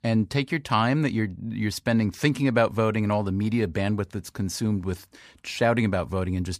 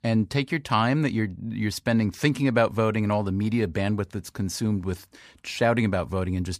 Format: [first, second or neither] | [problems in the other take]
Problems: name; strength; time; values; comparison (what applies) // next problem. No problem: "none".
neither | none